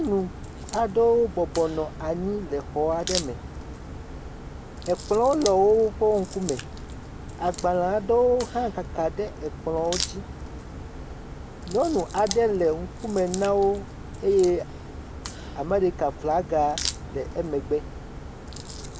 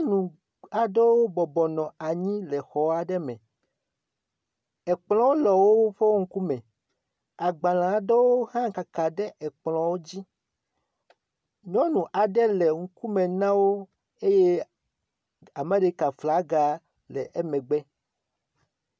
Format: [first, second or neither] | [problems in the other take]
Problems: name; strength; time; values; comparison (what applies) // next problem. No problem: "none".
second | background sound (Crack); 10 dB below the speech